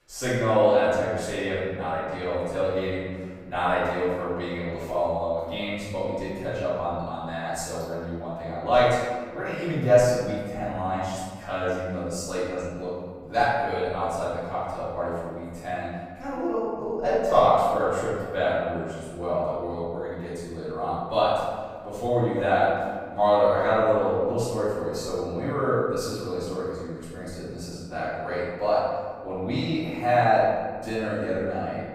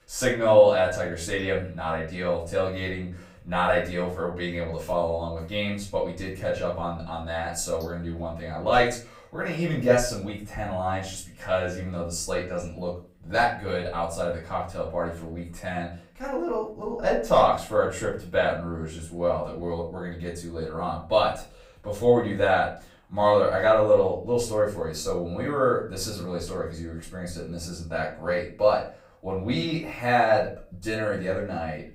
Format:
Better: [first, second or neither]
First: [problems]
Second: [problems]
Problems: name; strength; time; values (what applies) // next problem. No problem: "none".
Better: second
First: room echo; strong; dies away in 1.7 s // off-mic speech; far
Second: room echo; slight; dies away in 0.3 s // off-mic speech; far